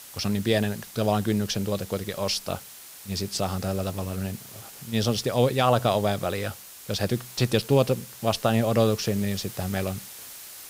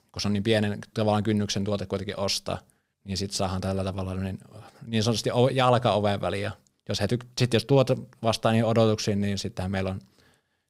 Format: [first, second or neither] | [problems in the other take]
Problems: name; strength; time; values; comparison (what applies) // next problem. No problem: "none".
second | hiss; noticeable; throughout; 15 dB below the speech